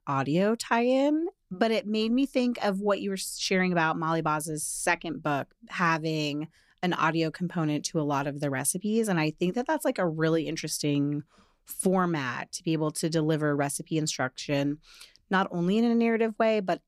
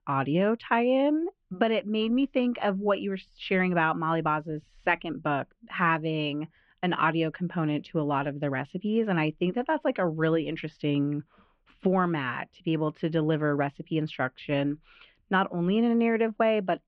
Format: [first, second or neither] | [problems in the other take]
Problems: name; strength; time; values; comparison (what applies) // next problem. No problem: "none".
first | muffled; very; fading above 3 kHz